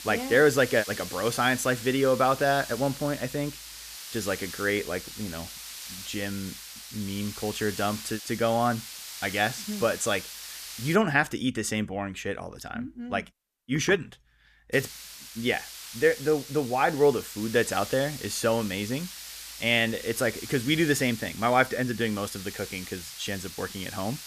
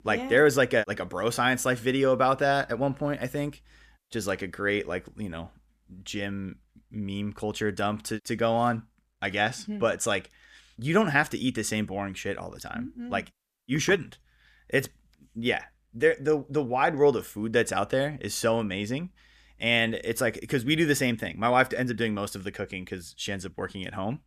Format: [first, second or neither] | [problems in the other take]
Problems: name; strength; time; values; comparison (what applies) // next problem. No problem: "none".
second | hiss; noticeable; until 11 s and from 15 s on; 10 dB below the speech